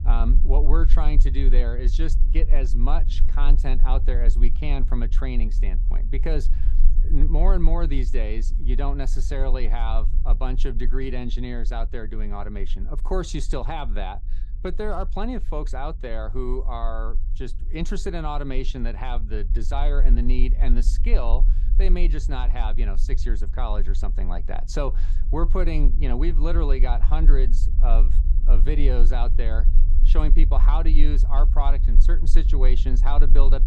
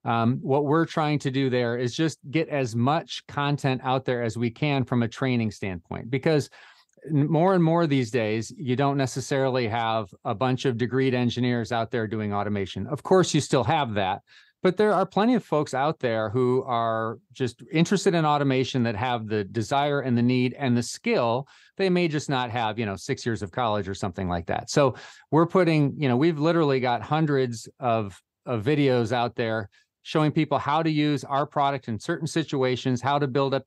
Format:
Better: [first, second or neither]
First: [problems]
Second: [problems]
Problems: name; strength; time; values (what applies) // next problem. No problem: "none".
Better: second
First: low rumble; noticeable; throughout; 15 dB below the speech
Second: none